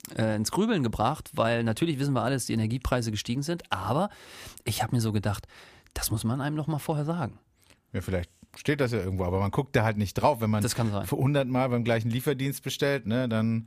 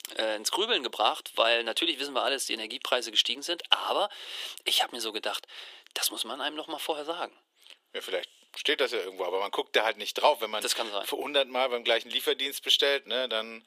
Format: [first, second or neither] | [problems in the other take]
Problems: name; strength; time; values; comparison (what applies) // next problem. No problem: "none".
first | thin; very; fading below 350 Hz